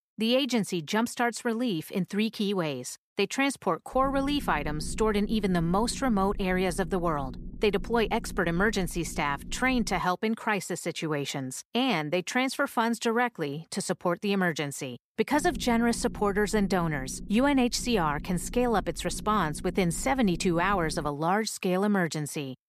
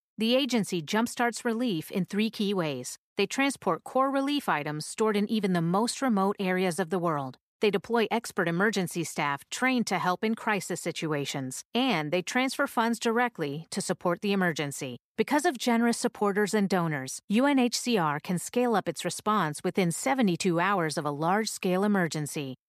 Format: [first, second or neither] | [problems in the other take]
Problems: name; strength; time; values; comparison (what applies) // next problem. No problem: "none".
second | low rumble; faint; from 4 to 10 s and from 15 to 21 s; 20 dB below the speech